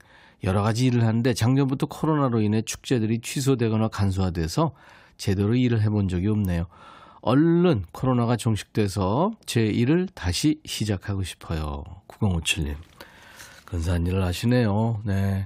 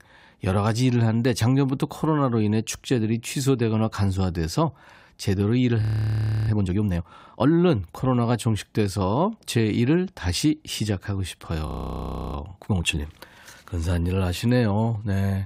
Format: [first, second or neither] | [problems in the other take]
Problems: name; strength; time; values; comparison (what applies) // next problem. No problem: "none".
first | audio freezing; at 6 s for 0.5 s and at 12 s for 0.5 s